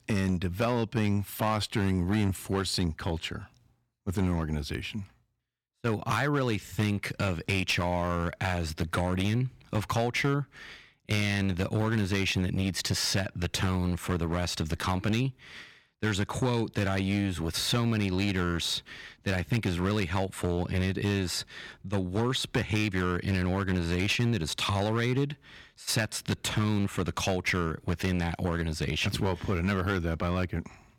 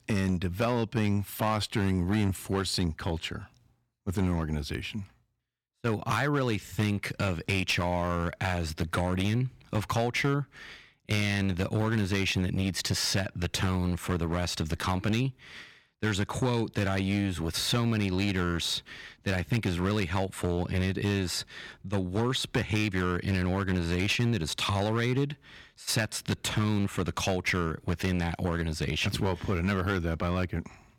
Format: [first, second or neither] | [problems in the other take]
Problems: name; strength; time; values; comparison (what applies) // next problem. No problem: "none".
neither | distortion; slight; 7% of the sound clipped; the same in both